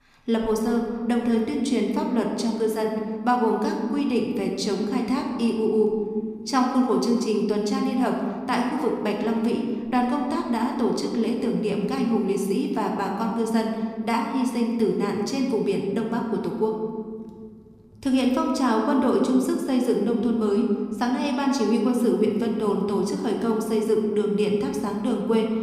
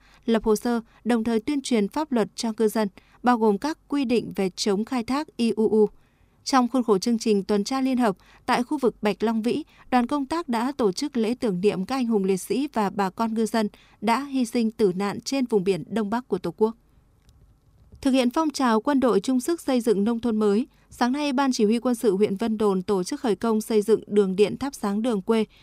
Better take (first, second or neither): second